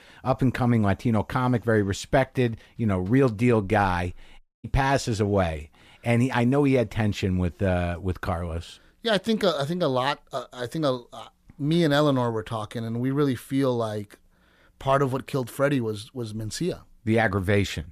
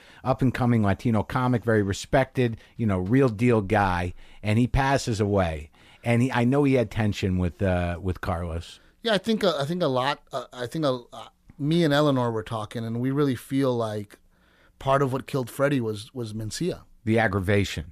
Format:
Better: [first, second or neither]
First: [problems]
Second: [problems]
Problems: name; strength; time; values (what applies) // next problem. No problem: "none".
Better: second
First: audio cutting out; at 4.5 s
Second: none